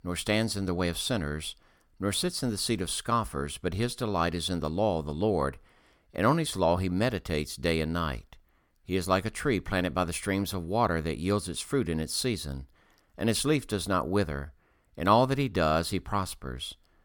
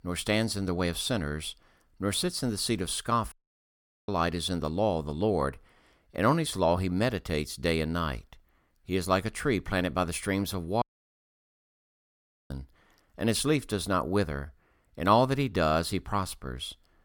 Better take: first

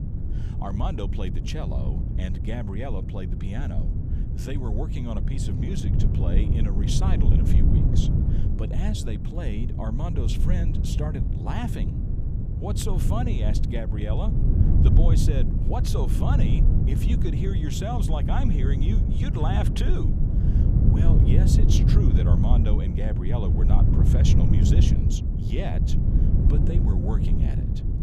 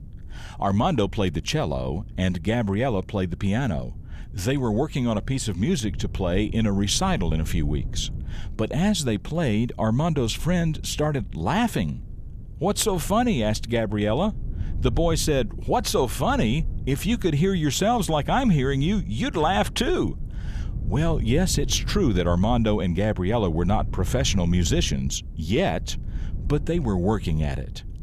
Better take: second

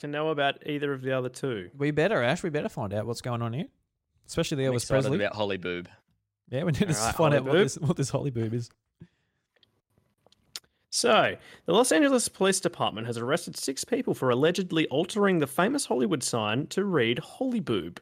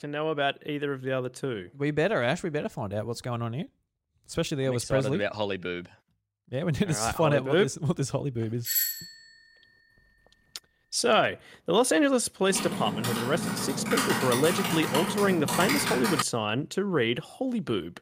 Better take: first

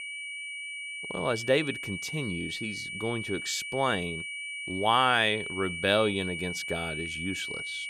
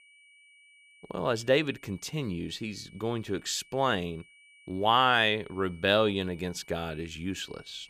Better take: second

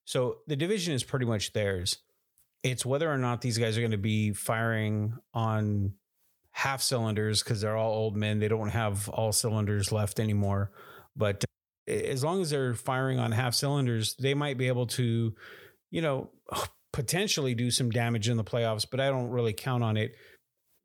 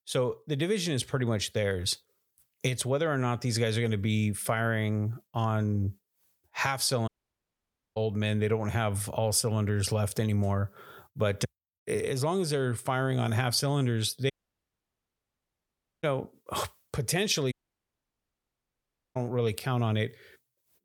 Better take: first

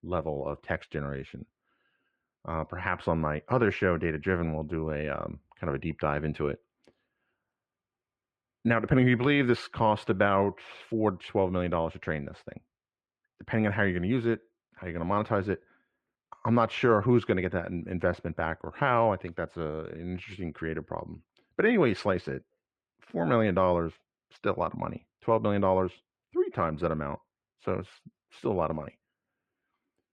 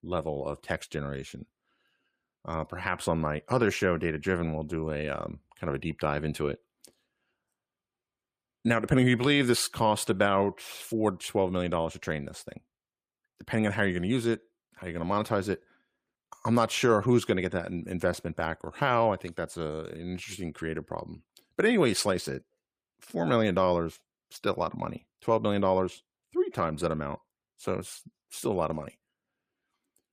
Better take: second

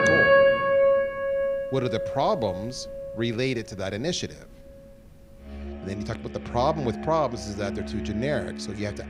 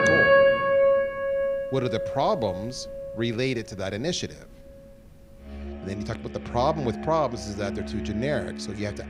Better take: neither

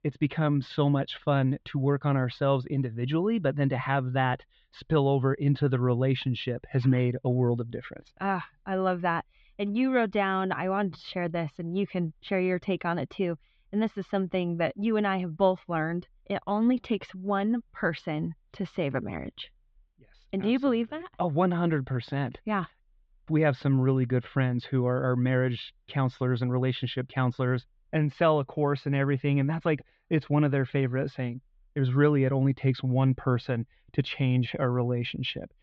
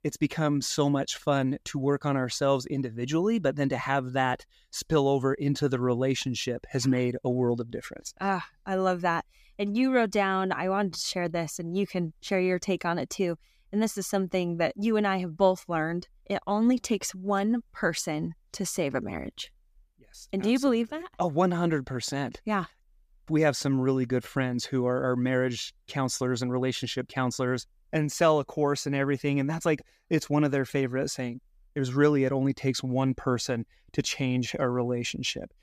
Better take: second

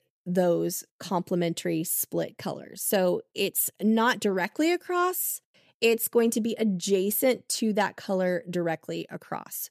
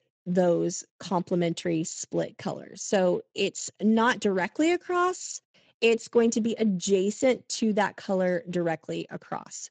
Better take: first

